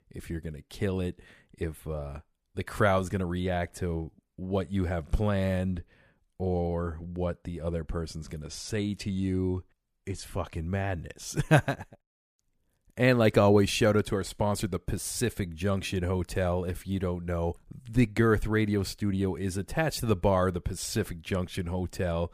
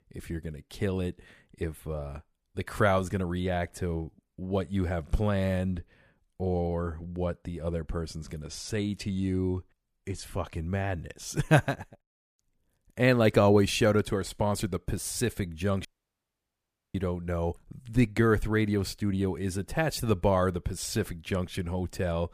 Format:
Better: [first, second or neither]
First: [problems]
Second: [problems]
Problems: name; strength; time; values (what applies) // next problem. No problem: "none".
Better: first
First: none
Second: audio cutting out; at 16 s for 1 s